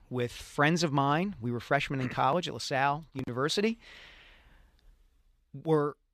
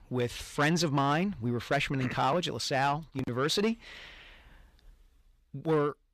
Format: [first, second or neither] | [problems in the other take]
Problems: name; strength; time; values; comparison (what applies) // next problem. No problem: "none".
first | distortion; slight; 10 dB below the speech